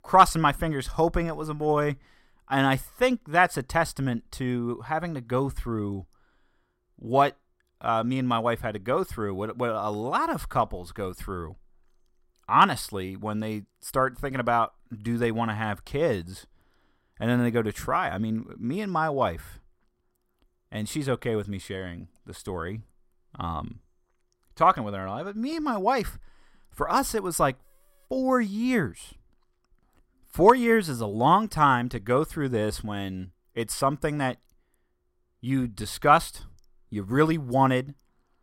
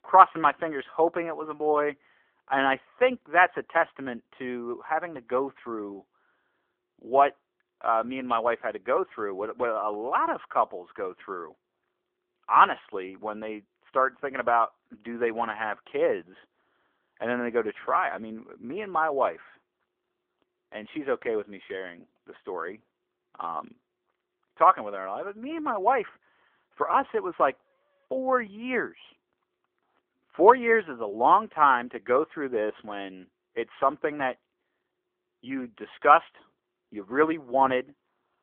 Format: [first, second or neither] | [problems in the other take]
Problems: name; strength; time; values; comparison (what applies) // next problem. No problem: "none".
first | phone-call audio